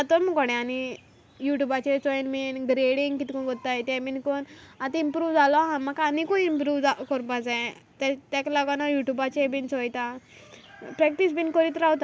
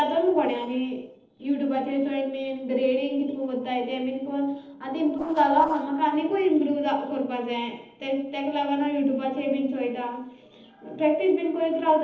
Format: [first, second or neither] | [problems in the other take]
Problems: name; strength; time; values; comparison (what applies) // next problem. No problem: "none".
first | noise reduction (neural separator model SepFormer DNS4)